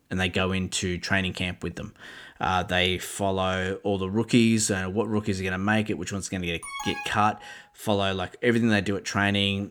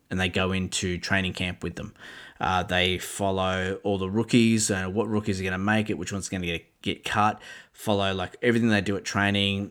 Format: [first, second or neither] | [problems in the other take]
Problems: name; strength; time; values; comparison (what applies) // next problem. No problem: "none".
second | alarm; noticeable; at 6.5 s; peak 8 dB below the speech